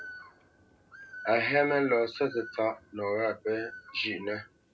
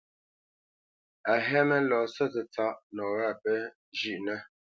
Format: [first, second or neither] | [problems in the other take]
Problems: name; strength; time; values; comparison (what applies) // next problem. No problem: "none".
second | background sound (Bird); 18 dB below the speech // room echo; dies away in 0.2 s